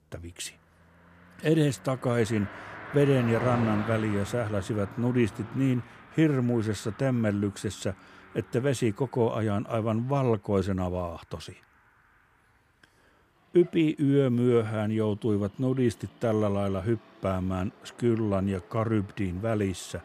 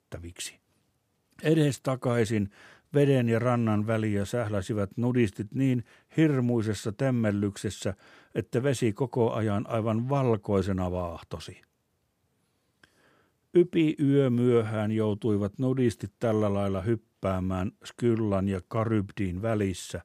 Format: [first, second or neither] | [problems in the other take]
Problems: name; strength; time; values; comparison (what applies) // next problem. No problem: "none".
second | traffic noise; noticeable; throughout; 15 dB below the speech